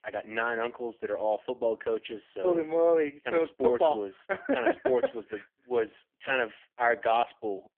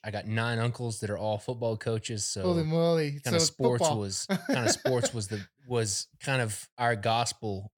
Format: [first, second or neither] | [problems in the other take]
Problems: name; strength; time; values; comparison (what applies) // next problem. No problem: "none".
second | phone-call audio; poor line